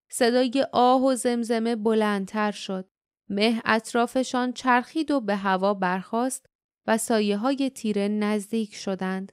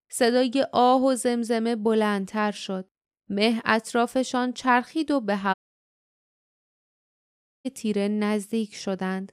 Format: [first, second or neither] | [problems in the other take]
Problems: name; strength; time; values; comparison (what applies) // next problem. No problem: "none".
first | audio cutting out; at 5.5 s for 2 s